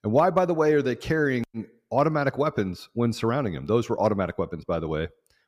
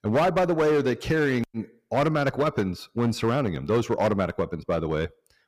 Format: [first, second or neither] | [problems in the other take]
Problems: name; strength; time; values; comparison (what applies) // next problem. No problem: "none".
first | distortion; slight; 9% of the sound clipped